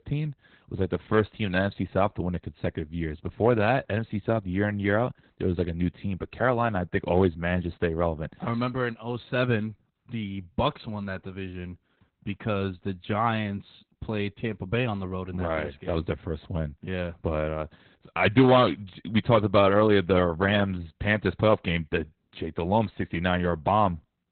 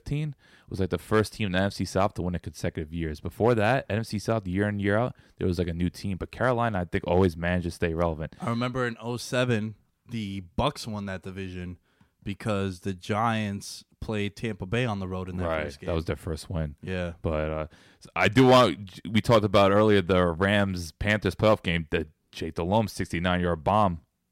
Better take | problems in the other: second | garbled, watery; badly; nothing above 4 kHz

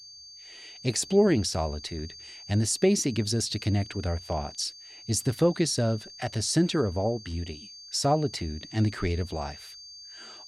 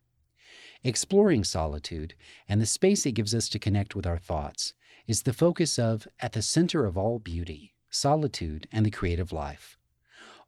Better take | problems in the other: second | high-pitched whine; noticeable; throughout; 4.5 kHz, 15 dB below the speech

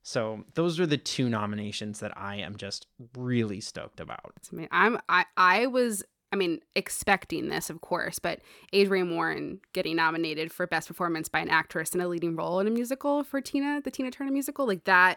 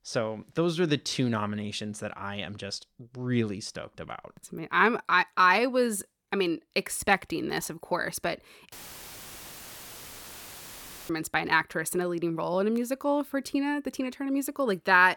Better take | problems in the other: first | audio cutting out; filled with static; at 8.5 s for 2.5 s

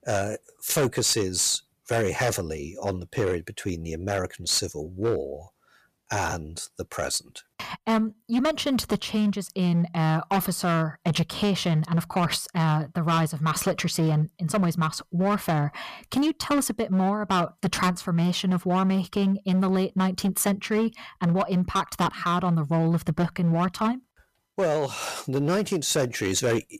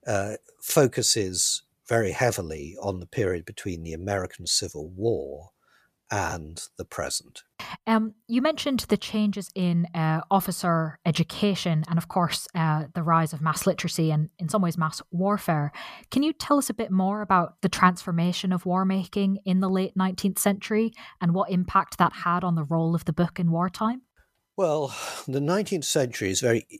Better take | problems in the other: second | distortion; slight; 11% of the sound clipped

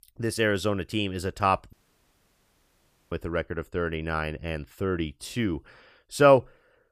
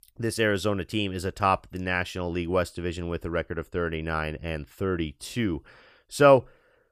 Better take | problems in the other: second | audio cutting out; at 1.5 s for 1.5 s

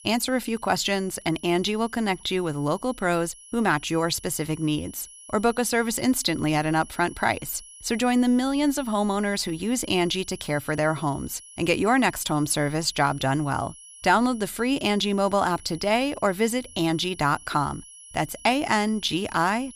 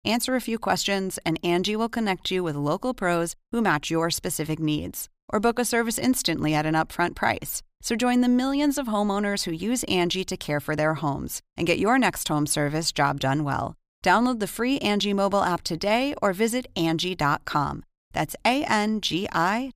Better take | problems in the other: second | high-pitched whine; noticeable; throughout; 10.5 kHz, 20 dB below the speech

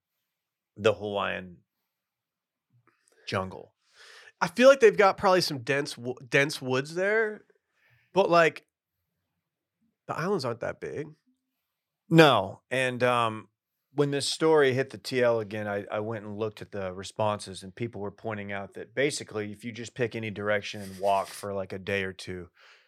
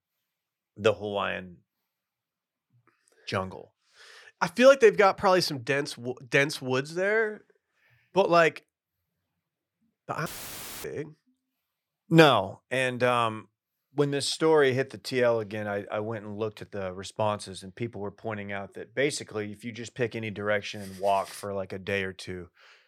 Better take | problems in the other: first | audio cutting out; filled with static; at 10 s for 0.5 s

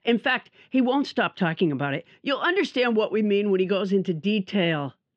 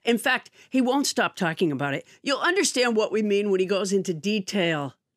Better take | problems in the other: second | muffled; slightly; fading above 3.5 kHz

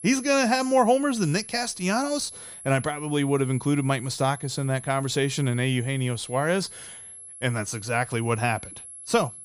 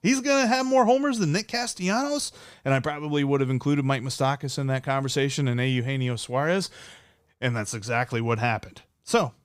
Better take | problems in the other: second | high-pitched whine; noticeable; throughout; 11 kHz, 15 dB below the speech

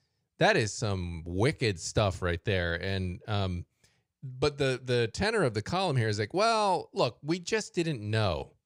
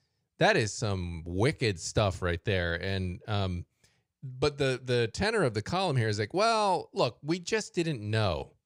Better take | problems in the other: neither | none

